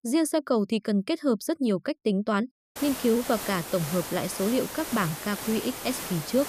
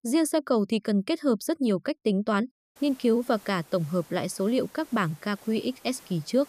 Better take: second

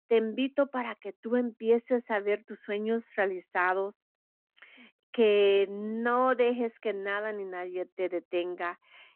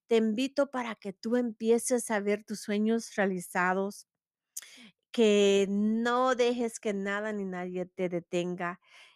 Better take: second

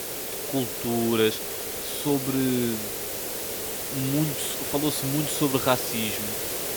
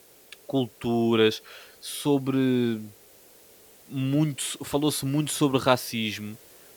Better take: second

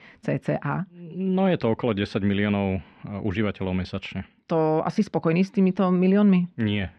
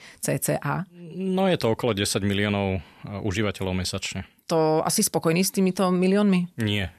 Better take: second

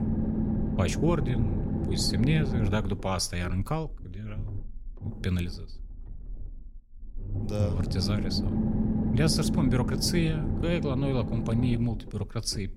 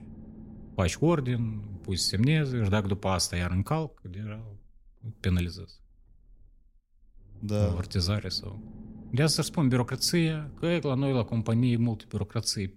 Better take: second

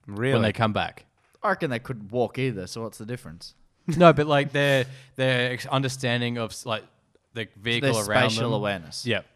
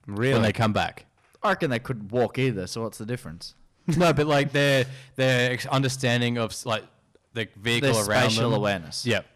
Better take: first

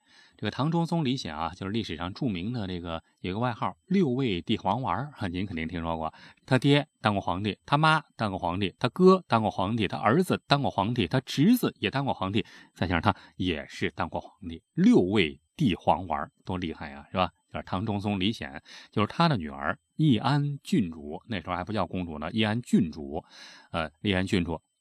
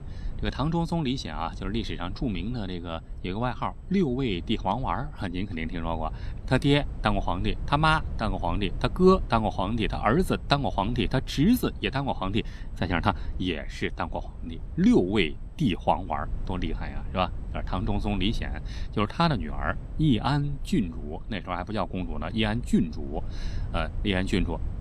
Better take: first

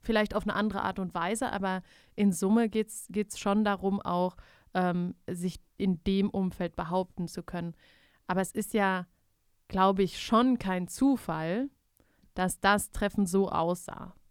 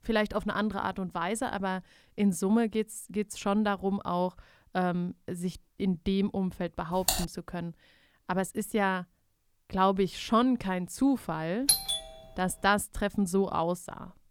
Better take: first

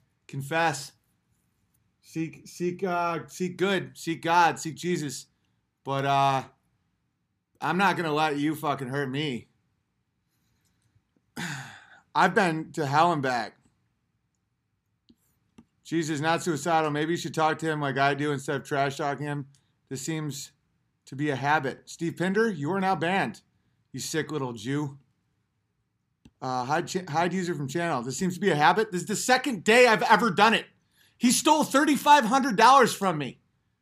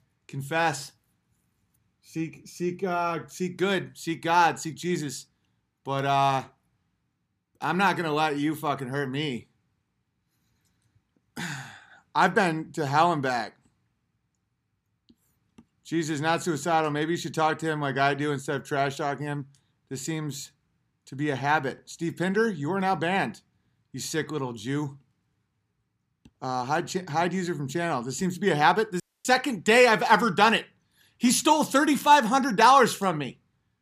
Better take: first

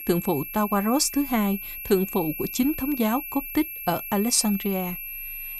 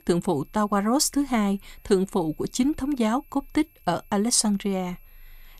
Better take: second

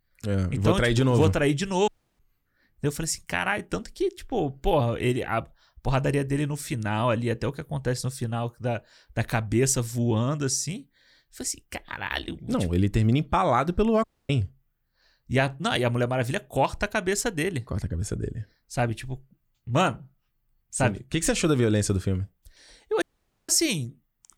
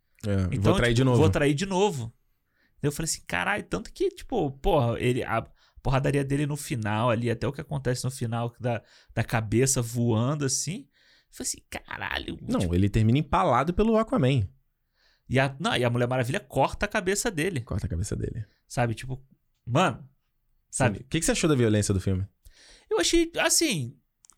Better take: second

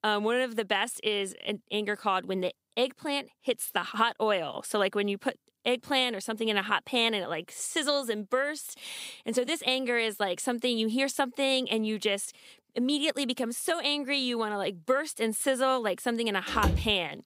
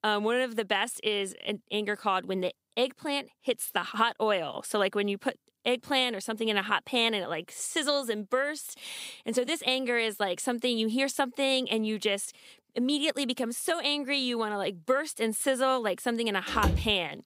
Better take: neither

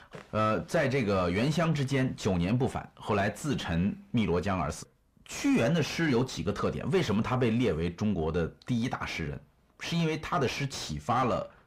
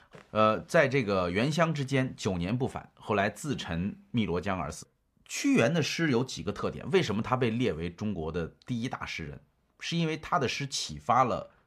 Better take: second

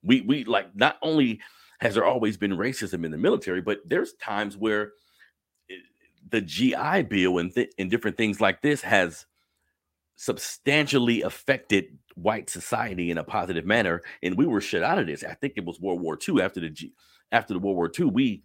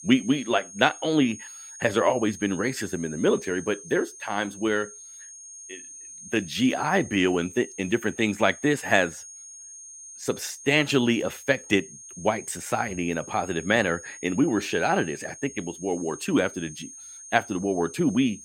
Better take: first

